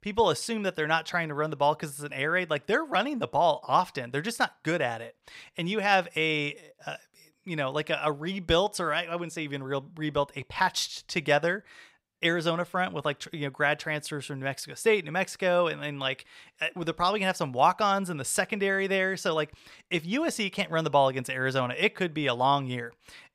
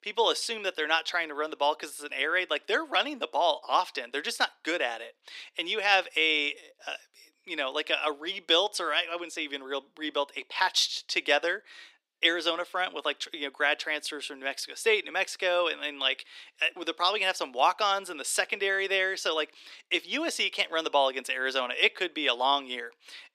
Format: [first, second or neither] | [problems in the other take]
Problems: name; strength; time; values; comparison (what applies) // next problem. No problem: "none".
first | thin; somewhat; fading below 300 Hz